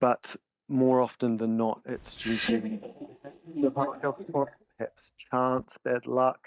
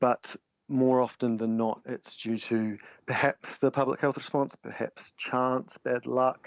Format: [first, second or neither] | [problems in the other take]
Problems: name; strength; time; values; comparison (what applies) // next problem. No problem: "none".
second | noise reduction (neural mask model DeepFilterNet 3)